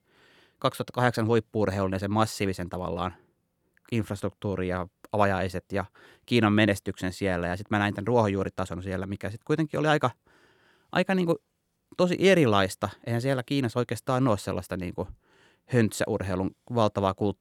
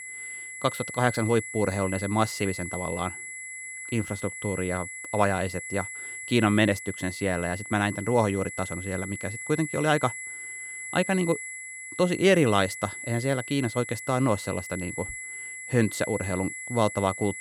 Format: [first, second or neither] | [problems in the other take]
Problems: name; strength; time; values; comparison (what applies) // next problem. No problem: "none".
first | high-pitched whine; loud; throughout; 2 kHz, 9 dB below the speech